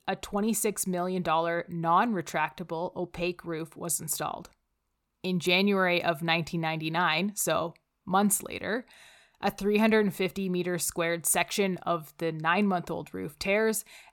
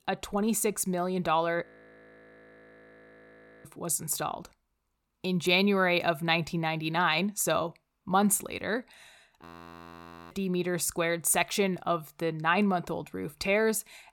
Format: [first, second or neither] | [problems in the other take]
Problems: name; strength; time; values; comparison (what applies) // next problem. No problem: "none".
first | audio freezing; at 1.5 s for 2 s and at 9.5 s for 1 s